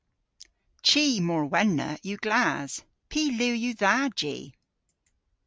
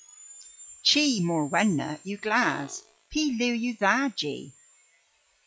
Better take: first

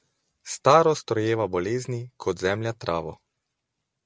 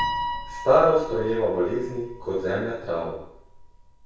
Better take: first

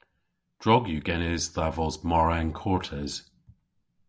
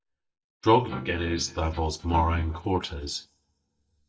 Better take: first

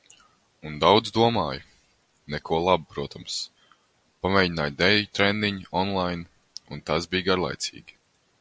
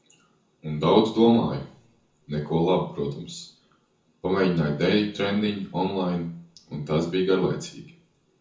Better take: first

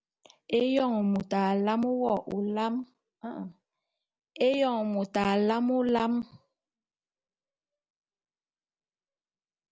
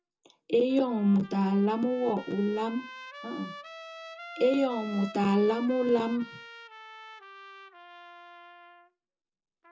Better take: first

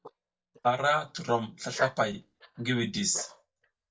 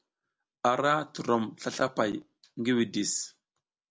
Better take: second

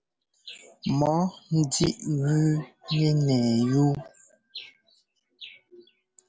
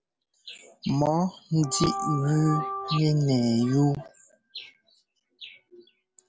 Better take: first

